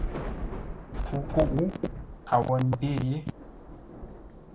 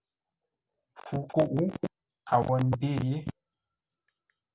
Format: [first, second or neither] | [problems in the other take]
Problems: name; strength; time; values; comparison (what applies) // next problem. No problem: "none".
second | background sound (Thunder / Rain); 6 dB below the speech